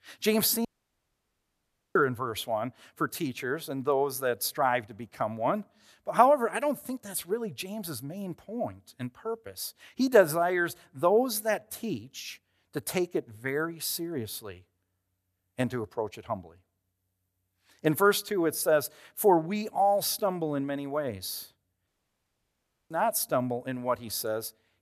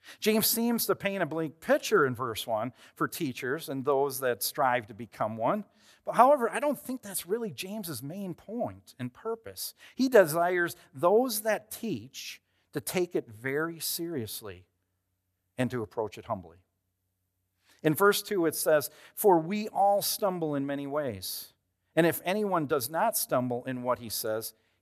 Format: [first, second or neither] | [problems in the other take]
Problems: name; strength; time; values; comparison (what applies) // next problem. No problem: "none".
second | audio cutting out; at 0.5 s for 1.5 s and at 22 s for 1 s